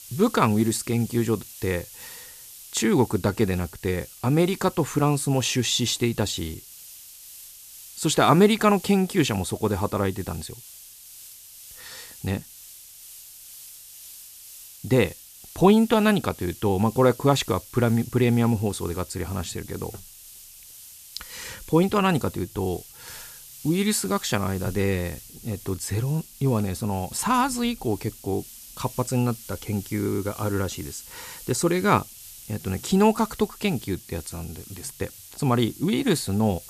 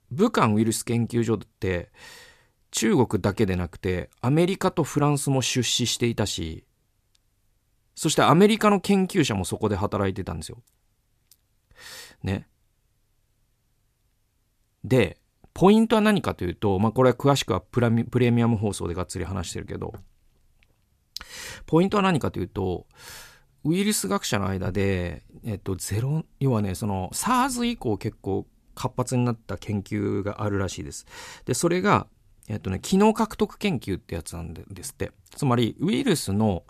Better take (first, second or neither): second